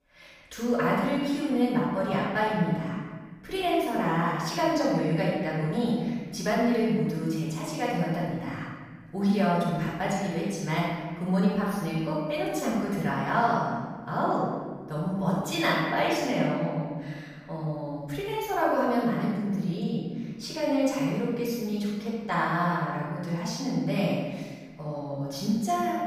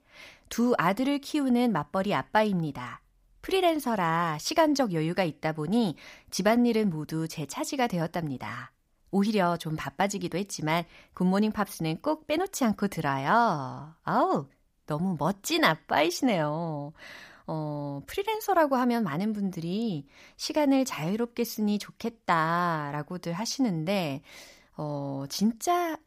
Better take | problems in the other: second | off-mic speech; far // room echo; strong; dies away in 1.4 s

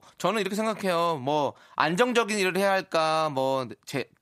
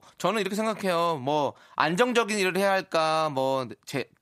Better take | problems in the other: neither | none

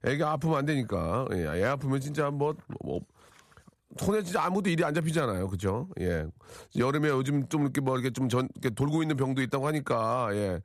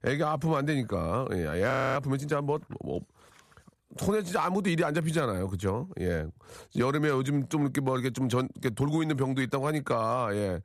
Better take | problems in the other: first | audio freezing; at 1.5 s

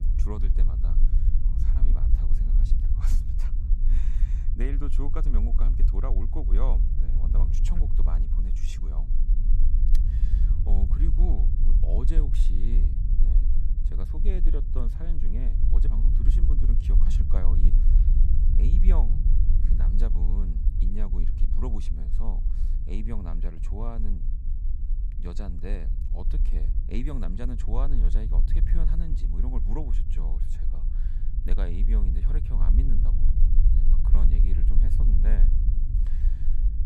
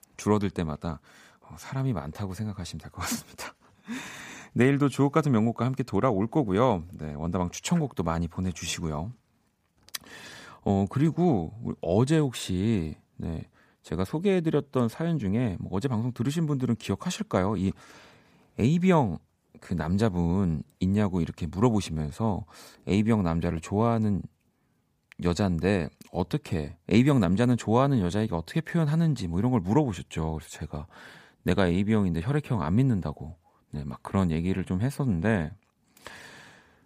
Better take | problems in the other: second | low rumble; loud; throughout; 4 dB below the speech

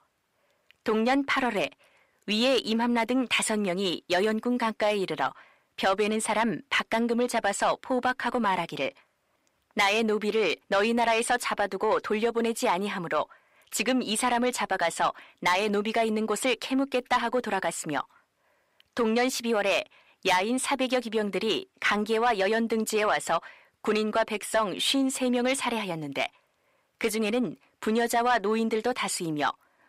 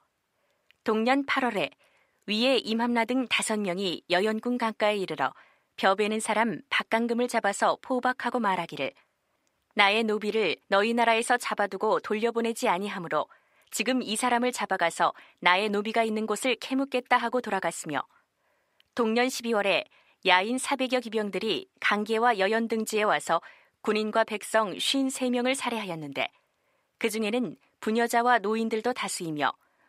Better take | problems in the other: second | distortion; slight; 10 dB below the speech

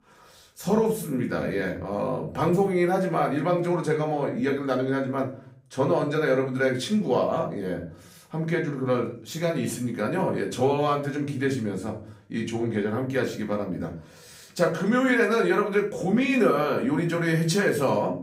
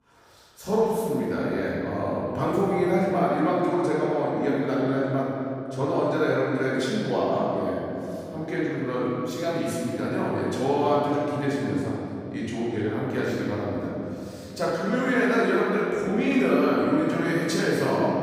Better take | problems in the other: first | room echo; strong; dies away in 2.8 s; slight in the first // off-mic speech; far; far in the first

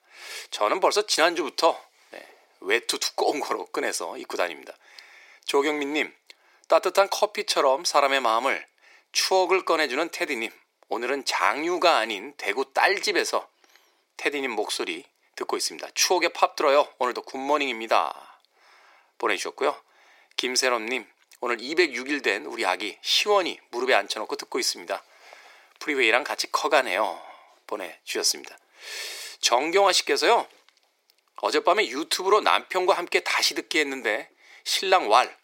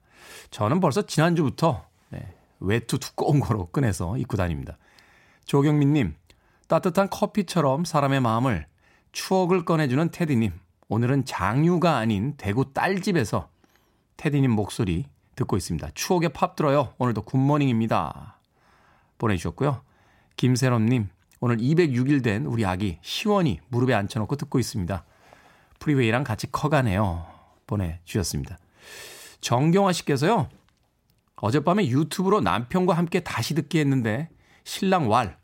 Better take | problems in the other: second | thin; very; fading below 400 Hz

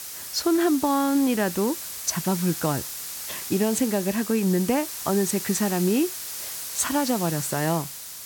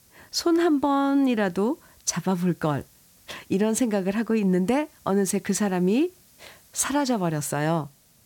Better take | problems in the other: second | hiss; loud; throughout; 7 dB below the speech; faint in the second

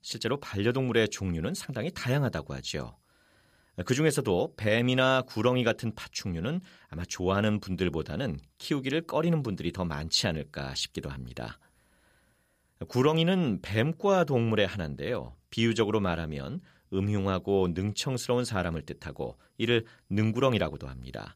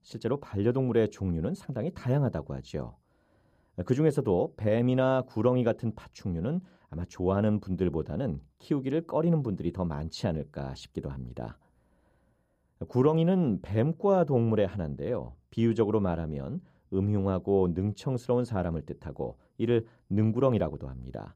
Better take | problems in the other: first | muffled; slightly; fading above 1 kHz

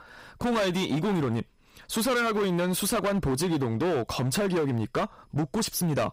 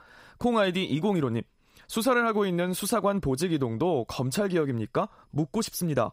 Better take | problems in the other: second | distortion; heavy; 21% of the sound clipped

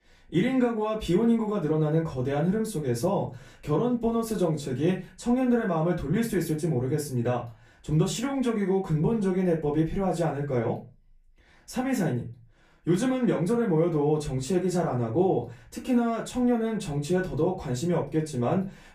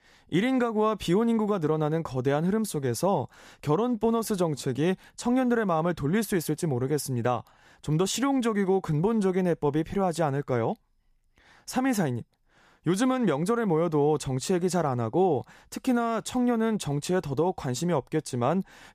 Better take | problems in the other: second | off-mic speech; far // room echo; very slight; dies away in 0.3 s

